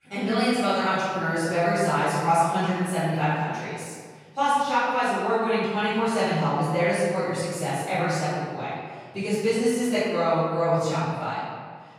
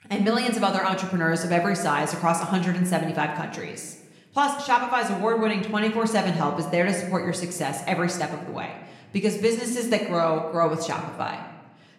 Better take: second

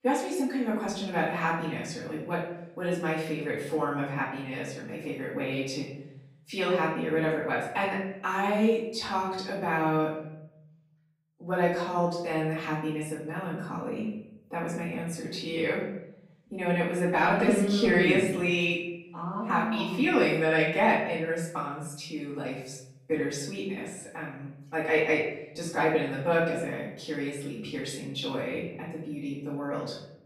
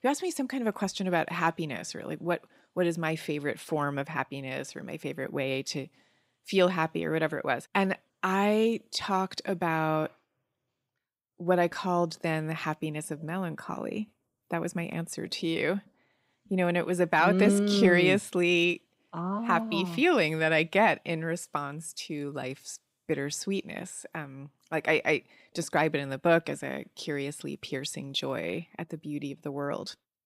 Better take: second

